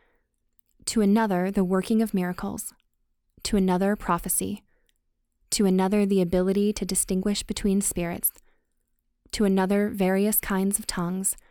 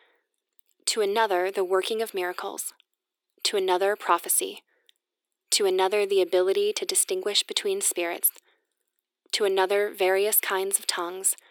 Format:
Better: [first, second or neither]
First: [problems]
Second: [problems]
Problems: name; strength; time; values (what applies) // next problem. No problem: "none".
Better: first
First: none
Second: thin; very; fading below 350 Hz